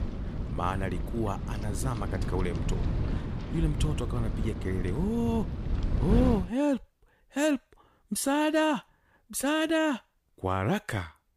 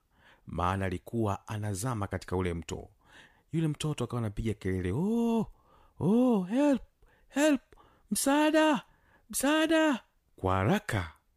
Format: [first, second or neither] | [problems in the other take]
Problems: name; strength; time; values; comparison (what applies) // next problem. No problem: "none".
second | wind noise on the microphone; occasional gusts; until 6.5 s; 10 dB below the speech